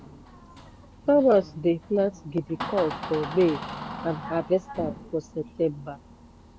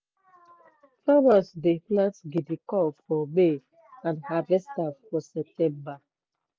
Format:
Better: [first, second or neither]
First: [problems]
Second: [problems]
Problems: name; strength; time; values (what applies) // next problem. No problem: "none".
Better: second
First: background sound (Door); 12 dB below the speech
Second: none